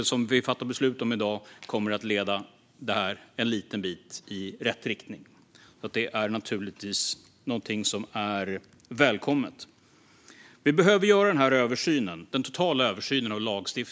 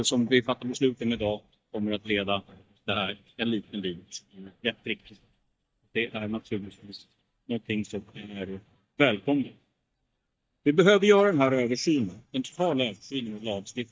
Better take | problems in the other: first | noise reduction (neural mask model DeepFilterNet 3)

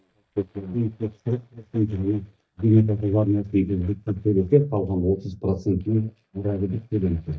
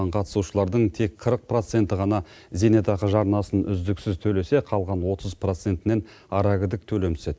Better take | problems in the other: second | noise reduction (neural mask model DeepFilterNet 3)

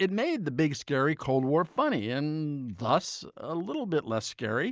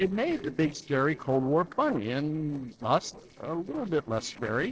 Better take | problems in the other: first | noise reduction (neural separator model SepFormer DNS4)

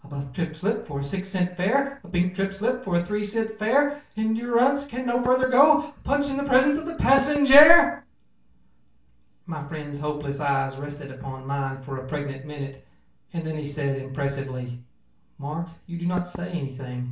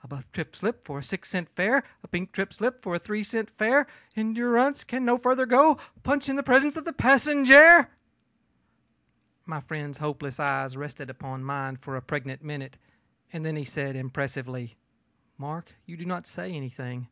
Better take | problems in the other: second | background sound (Knock / Wood); 15 dB below the speech // room echo; dies away in 0.4 s

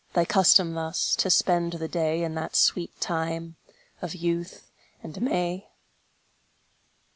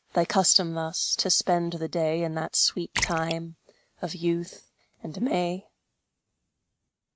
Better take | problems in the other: first | noise reduction (neural mask model RNNoise)

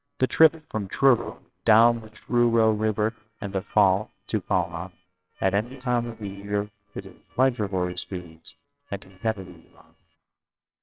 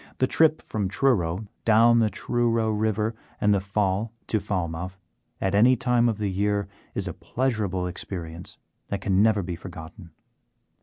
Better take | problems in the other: second | noise reduction (neural separator model SepFormer WHAMR!)

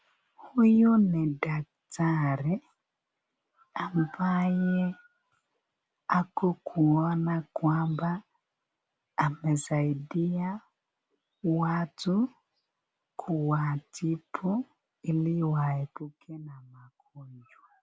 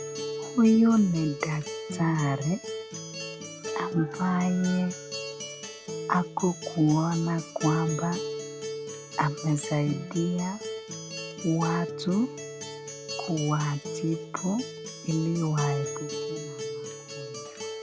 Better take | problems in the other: first | background sound (Acoustic guitar); 8 dB below the speech

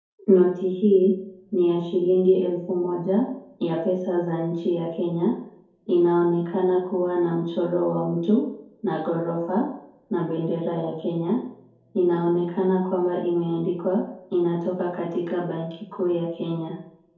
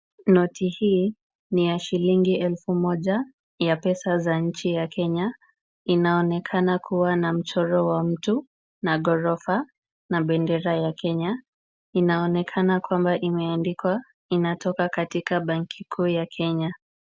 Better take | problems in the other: second | room echo; dies away in 2.3 s

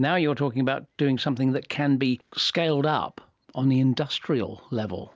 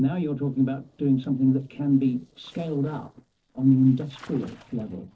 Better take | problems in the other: first | noise reduction (neural separator model SepFormer DNS4)

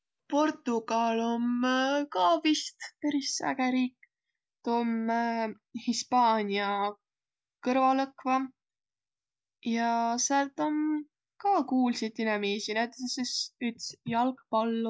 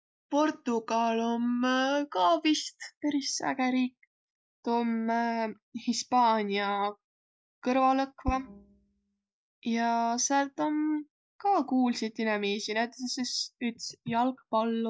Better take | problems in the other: first | noise reduction (neural mask model DeepFilterNet 3)

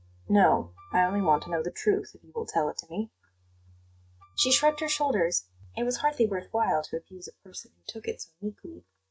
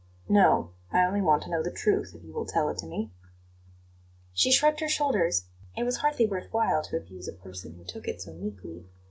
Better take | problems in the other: second | noise reduction (neural mask model RNNoise)

